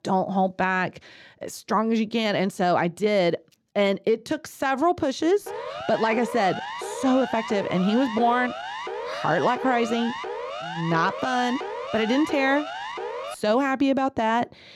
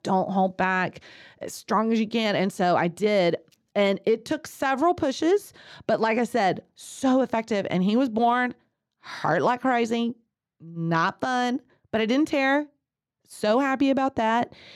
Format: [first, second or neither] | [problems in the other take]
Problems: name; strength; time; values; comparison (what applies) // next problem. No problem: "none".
second | siren; noticeable; from 5.5 to 13 s; peak 8 dB below the speech